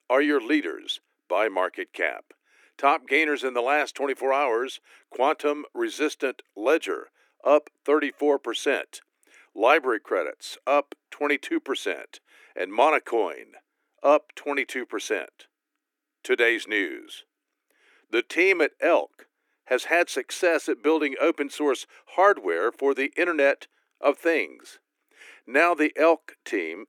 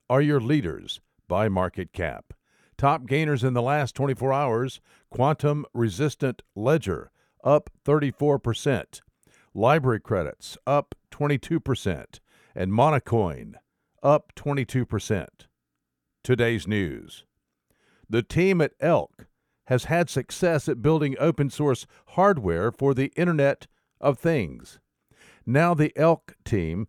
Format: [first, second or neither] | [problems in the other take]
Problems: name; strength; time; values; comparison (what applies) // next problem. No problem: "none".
second | thin; somewhat; fading below 300 Hz